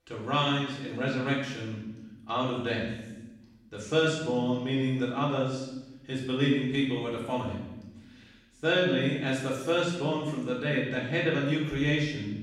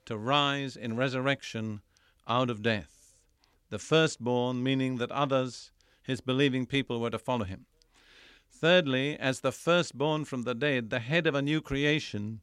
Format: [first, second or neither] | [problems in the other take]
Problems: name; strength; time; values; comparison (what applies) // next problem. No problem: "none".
second | off-mic speech; far // room echo; noticeable; dies away in 1 s